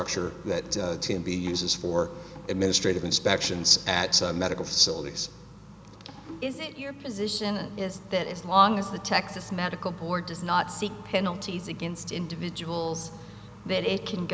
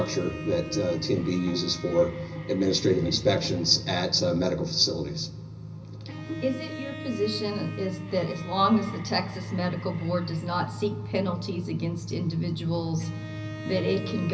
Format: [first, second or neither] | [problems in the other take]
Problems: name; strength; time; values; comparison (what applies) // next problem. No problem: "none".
first | background sound (Bowed string instrument); 16 dB below the speech // room echo; dies away in 0.4 s